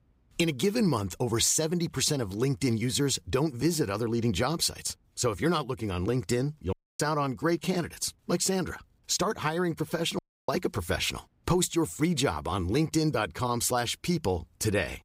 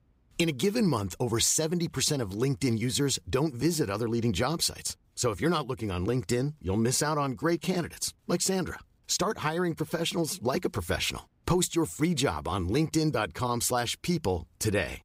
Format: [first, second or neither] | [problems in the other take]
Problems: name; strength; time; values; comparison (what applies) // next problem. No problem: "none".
second | audio cutting out; at 6.5 s and at 10 s